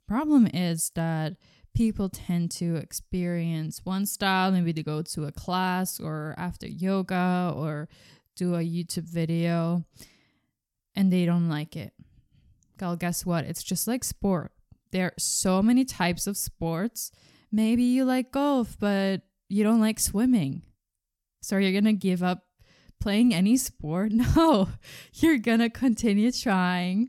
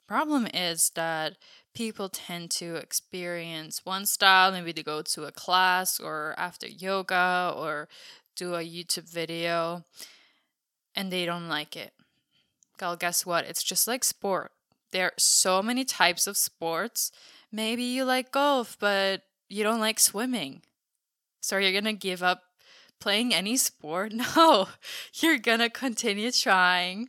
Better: first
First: none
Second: thin; very; fading below 550 Hz

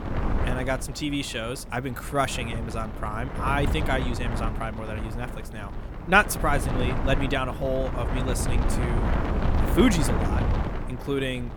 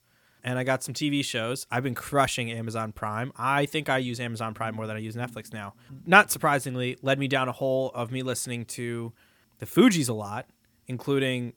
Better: second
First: wind noise on the microphone; heavy; 7 dB below the speech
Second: none

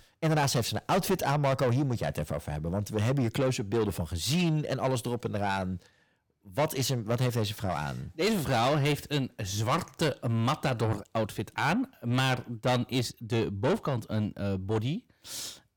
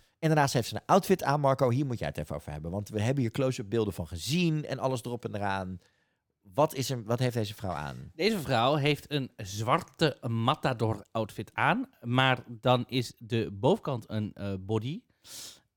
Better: second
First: distortion; heavy; 7 dB below the speech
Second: none

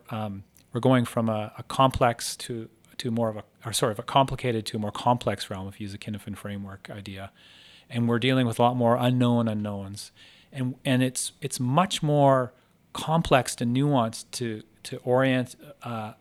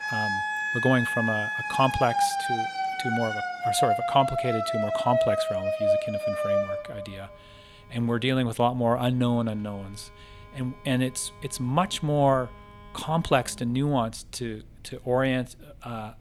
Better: first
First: none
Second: alarms or sirens; very loud; throughout; as loud as the speech

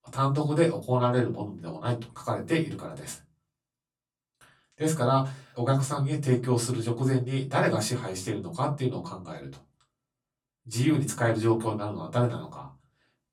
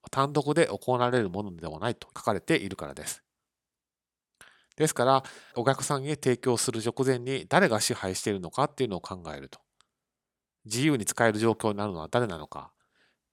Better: second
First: off-mic speech; far // room echo; very slight; dies away in 0.4 s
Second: none

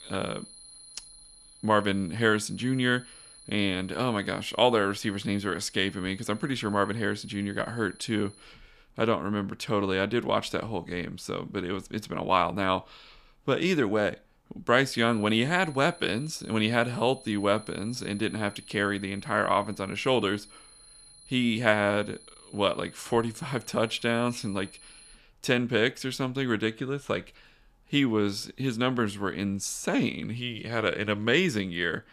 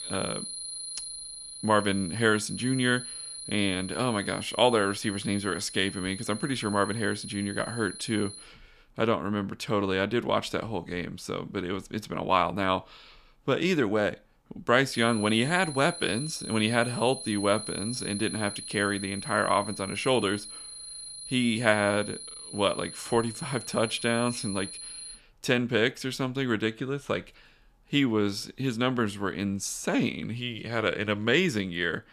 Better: first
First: high-pitched whine; faint; until 8.5 s and from 15 to 25 s; 10 kHz, 20 dB below the speech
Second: high-pitched whine; loud; until 8.5 s and from 15 to 25 s; 10 kHz, 10 dB below the speech

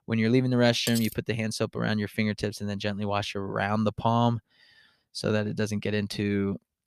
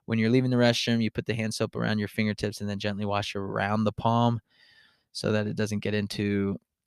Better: second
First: clattering dishes; noticeable; at 1 s; peak 7 dB below the speech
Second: none

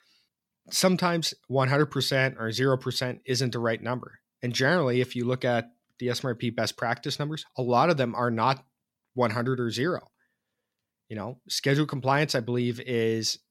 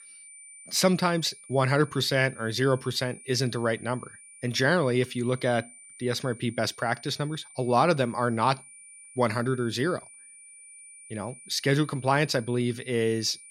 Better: first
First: none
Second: high-pitched whine; noticeable; throughout; 9.5 kHz, 20 dB below the speech

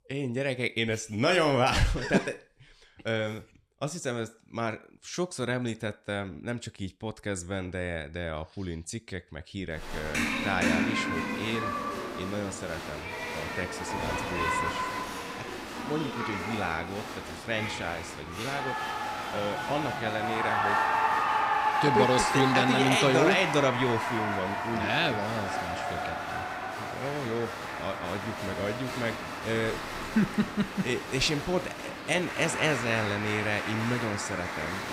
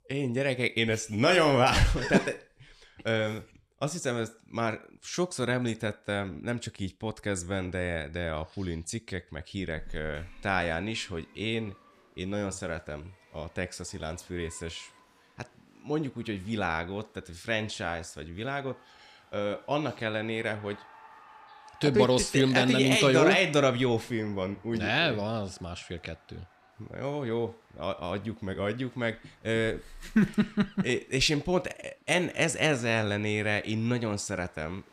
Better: second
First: crowd noise; loud; from 10 s on; 1 dB below the speech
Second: crowd noise; faint; from 10 s on; 30 dB below the speech

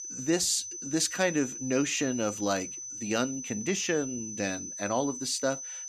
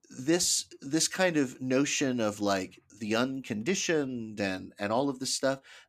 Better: second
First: high-pitched whine; loud; throughout; 6 kHz, 7 dB below the speech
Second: none

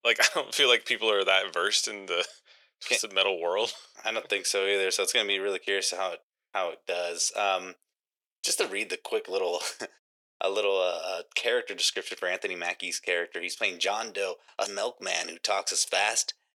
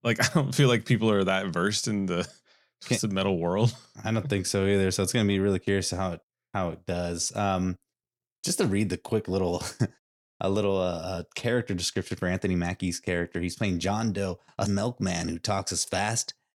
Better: second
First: thin; very; fading below 450 Hz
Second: none

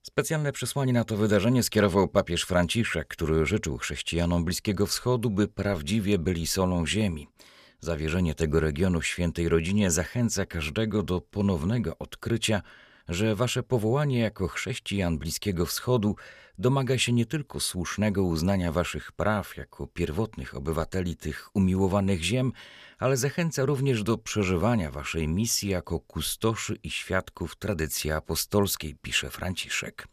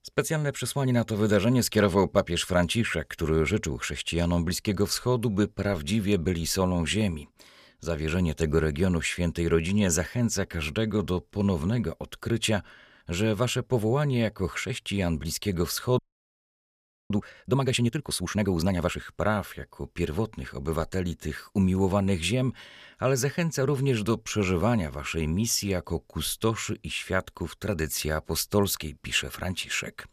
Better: first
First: none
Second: audio freezing; at 16 s for 1 s

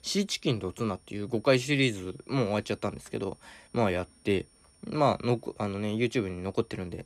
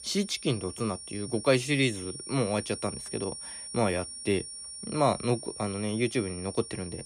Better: first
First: high-pitched whine; faint; throughout; 9.5 kHz, 30 dB below the speech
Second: high-pitched whine; loud; throughout; 9.5 kHz, 9 dB below the speech

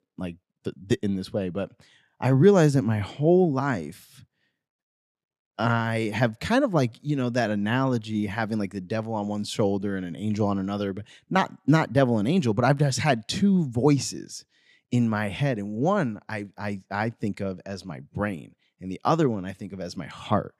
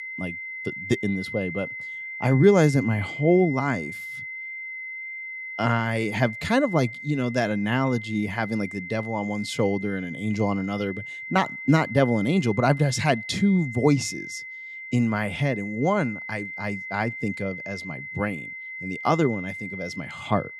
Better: first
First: none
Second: high-pitched whine; loud; throughout; 2 kHz, 10 dB below the speech

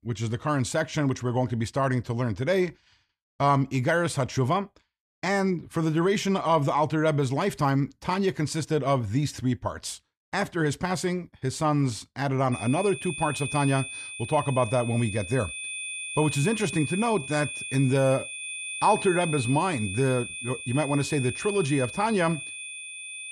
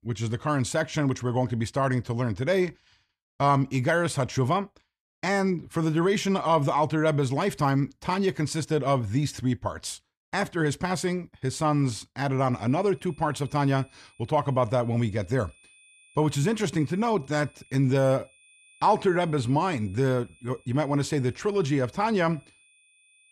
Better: second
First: high-pitched whine; loud; from 13 s on; 2.5 kHz, 8 dB below the speech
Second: high-pitched whine; faint; from 13 s on; 2.5 kHz, 30 dB below the speech

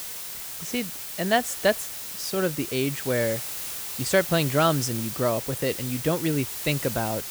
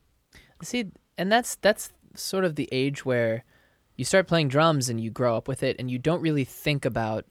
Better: second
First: hiss; loud; throughout; 5 dB below the speech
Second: none

